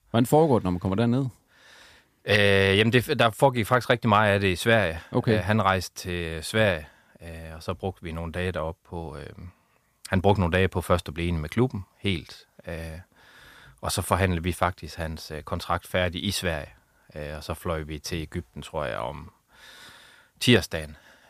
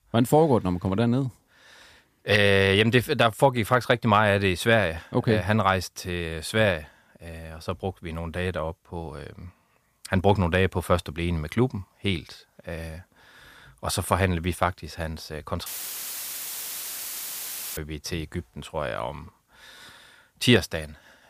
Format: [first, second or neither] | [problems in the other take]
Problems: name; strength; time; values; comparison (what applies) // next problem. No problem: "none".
first | audio cutting out; filled with static; at 16 s for 2 s